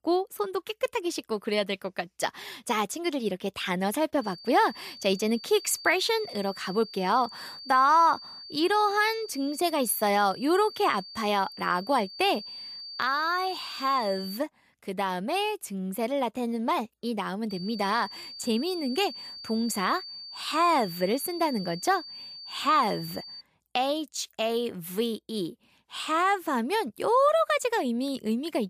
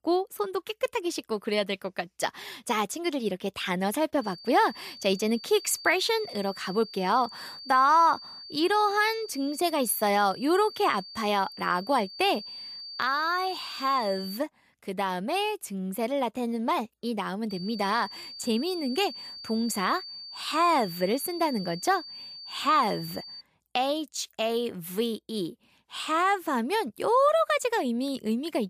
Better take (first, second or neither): neither